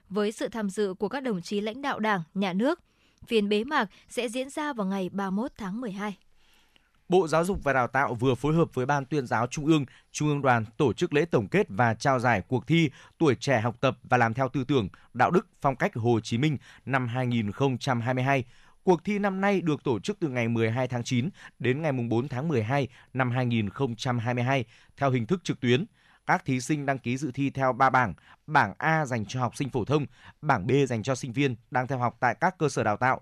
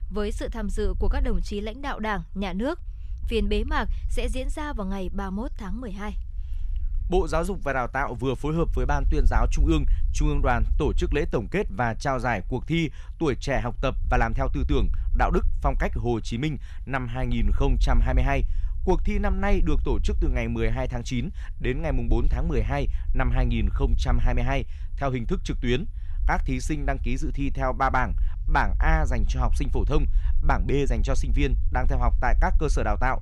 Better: first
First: none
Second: low rumble; faint; throughout; 25 dB below the speech

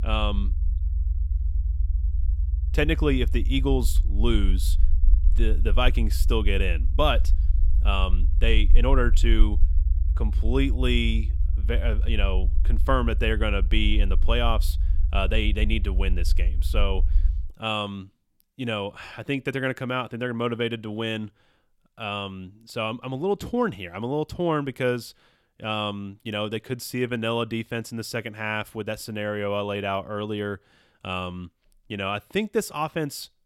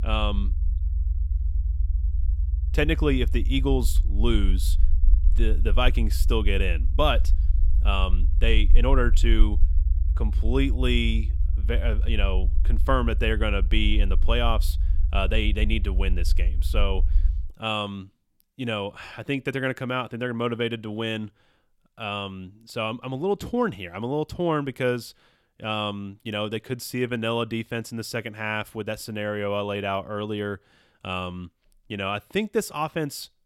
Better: neither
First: low rumble; noticeable; until 17 s; 20 dB below the speech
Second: low rumble; noticeable; until 17 s; 20 dB below the speech

